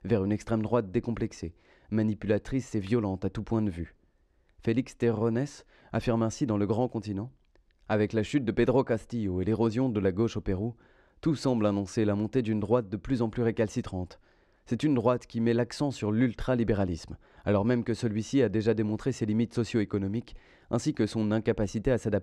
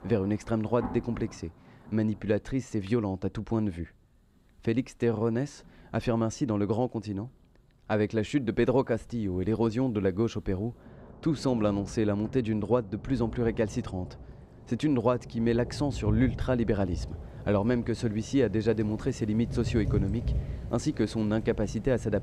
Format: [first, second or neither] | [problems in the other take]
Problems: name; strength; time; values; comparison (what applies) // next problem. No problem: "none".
first | rain or running water; noticeable; throughout; 10 dB below the speech